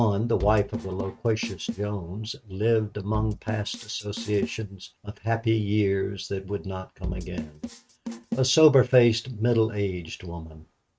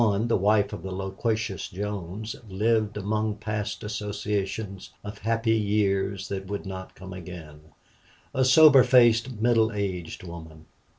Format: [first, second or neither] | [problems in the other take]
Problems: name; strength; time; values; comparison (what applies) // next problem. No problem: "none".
second | noise reduction (neural mask model RNNoise)